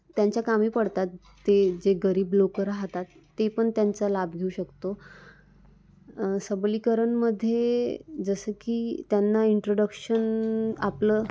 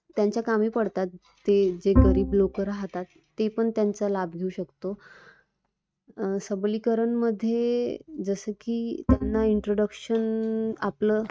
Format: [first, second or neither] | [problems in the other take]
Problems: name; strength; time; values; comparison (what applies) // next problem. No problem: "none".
first | noise reduction (neural mask model RNNoise)